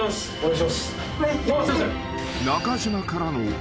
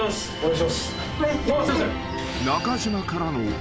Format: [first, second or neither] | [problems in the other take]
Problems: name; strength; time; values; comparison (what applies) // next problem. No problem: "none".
first | background sound (Chirp, tweet + Wind instrument, woodwind instrument); 17 dB below the speech